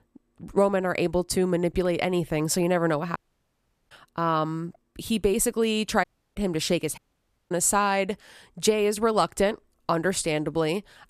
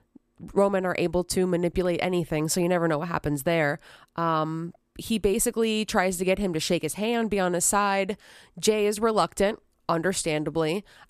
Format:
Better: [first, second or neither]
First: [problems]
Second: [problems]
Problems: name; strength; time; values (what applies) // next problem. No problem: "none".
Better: second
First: audio cutting out; at 3 s for 1 s, at 6 s and at 7 s for 0.5 s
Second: none